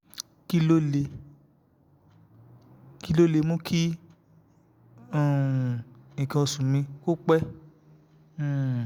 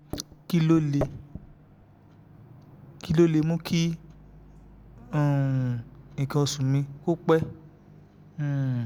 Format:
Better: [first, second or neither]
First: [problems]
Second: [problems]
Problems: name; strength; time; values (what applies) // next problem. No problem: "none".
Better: first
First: none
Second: background sound (Microwave oven); 17 dB below the speech